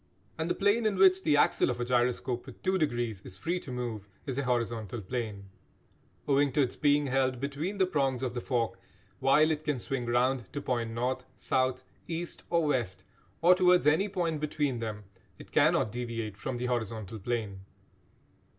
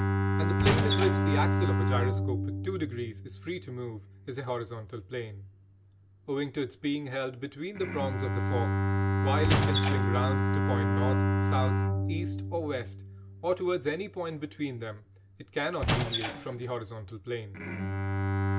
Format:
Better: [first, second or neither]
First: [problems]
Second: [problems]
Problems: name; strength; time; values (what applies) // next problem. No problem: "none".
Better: first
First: none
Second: background sound (Squeak / Wood + Bowed string instrument); 5 dB above the speech